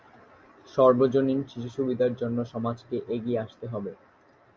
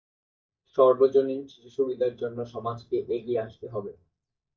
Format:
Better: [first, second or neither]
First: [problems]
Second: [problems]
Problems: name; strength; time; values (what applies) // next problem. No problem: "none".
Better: first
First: none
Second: noise reduction (neural mask model DeepFilterNet 3)